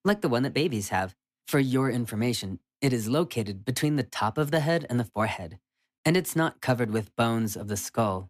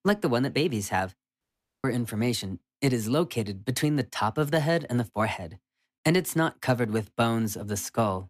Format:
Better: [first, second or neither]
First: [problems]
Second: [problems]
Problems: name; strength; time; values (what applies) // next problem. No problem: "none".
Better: first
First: none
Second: audio cutting out; at 1.5 s